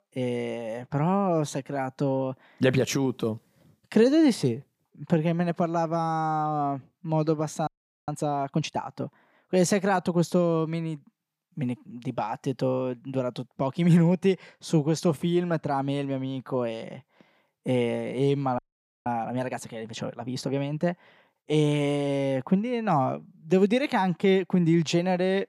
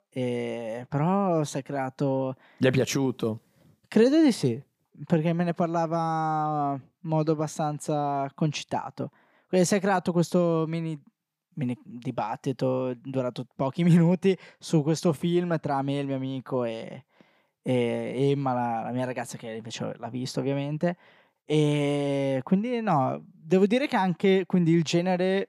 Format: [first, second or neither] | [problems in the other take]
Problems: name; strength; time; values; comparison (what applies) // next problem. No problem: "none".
second | audio freezing; at 7.5 s and at 19 s